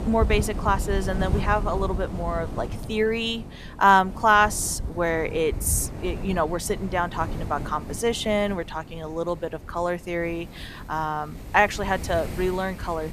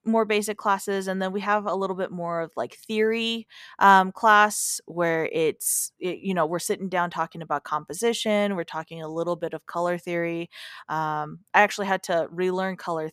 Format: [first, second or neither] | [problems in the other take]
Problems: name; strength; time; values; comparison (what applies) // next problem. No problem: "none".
second | wind noise on the microphone; occasional gusts; 20 dB below the speech